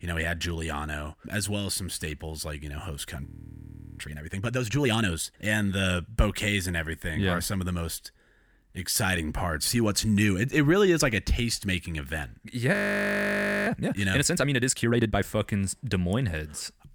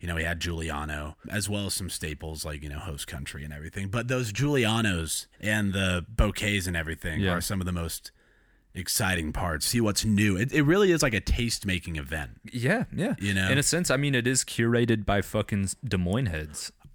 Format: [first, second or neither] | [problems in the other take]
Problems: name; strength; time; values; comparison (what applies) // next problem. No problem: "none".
second | audio freezing; at 3.5 s for 0.5 s and at 13 s for 1 s